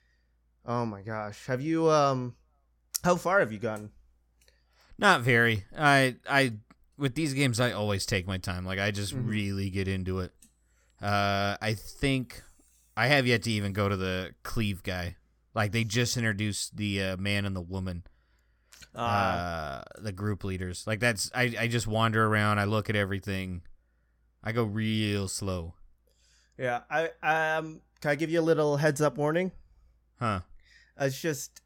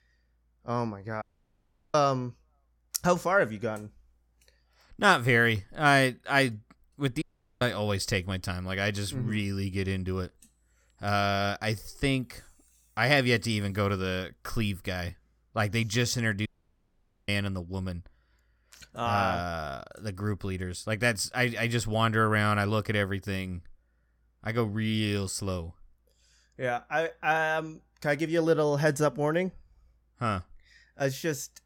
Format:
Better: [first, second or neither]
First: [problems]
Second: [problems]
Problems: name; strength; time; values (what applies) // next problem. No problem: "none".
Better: first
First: none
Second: audio cutting out; at 1 s for 0.5 s, at 7 s and at 16 s for 1 s